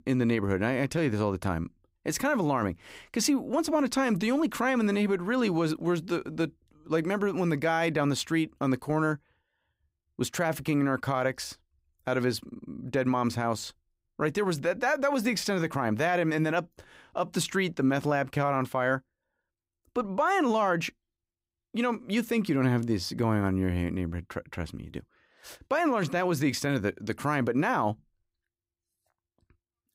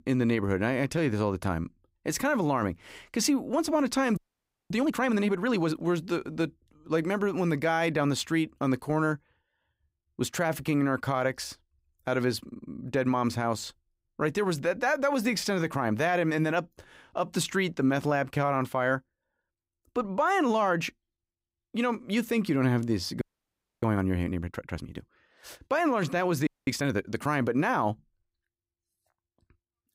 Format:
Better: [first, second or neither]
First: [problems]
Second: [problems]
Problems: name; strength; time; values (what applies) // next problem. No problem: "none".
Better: first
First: none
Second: audio freezing; at 4 s for 0.5 s, at 23 s for 0.5 s and at 26 s